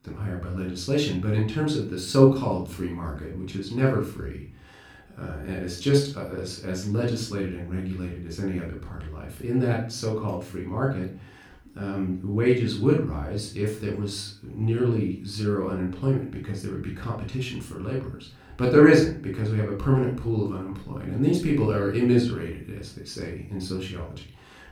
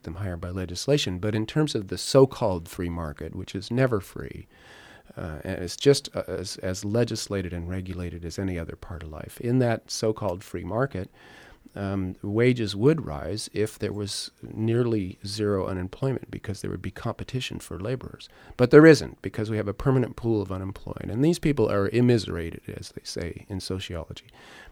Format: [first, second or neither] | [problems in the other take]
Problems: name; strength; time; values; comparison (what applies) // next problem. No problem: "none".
second | off-mic speech; far // room echo; slight; dies away in 0.4 s